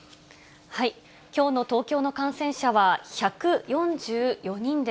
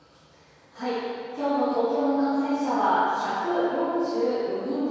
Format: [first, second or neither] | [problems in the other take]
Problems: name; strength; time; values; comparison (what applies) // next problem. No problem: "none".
first | room echo; dies away in 2.2 s